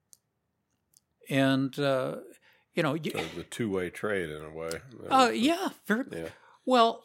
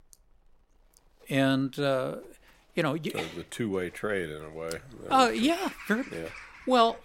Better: first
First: none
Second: animal sounds; noticeable; throughout; 15 dB below the speech

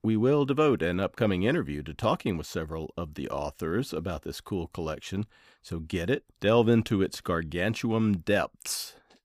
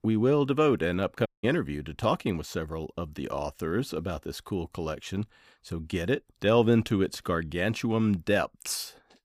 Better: first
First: none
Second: audio cutting out; at 1.5 s

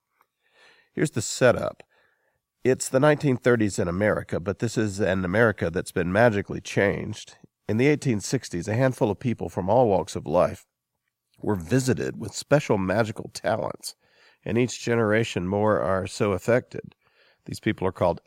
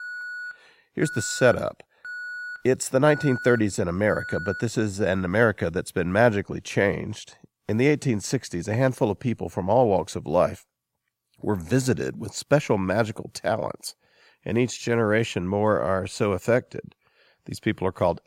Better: first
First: none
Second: alarm; noticeable; until 4.5 s; peak 9 dB below the speech

